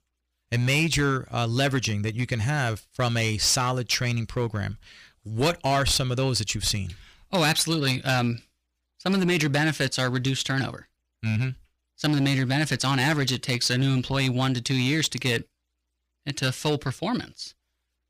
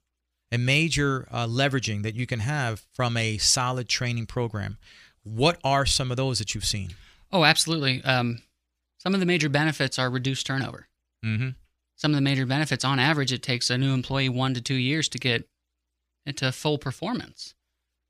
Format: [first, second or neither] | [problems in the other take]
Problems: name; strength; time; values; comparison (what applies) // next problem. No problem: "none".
second | distortion; slight; 7% of the sound clipped